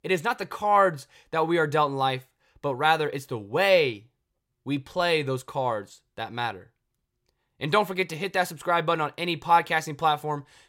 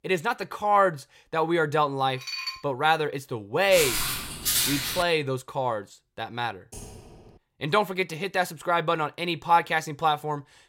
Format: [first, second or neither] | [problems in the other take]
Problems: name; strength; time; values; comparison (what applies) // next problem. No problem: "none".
first | clattering dishes; noticeable; at 2 s; peak 5 dB below the speech // footsteps; loud; from 3.5 to 5 s; peak 3 dB above the speech // keyboard typing; faint; at 6.5 s; peak 15 dB below the speech